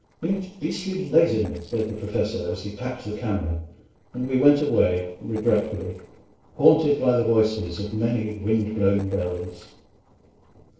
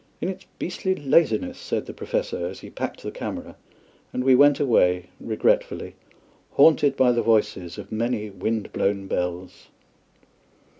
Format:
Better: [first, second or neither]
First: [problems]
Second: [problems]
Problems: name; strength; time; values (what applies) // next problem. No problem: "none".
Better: second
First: noise reduction (neural separator model SepFormer DNS4)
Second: none